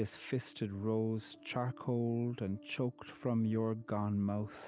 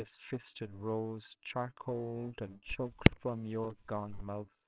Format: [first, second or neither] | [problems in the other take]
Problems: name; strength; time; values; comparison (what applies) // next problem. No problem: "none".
first | noise reduction (neural separator model SepFormer WHAMR!)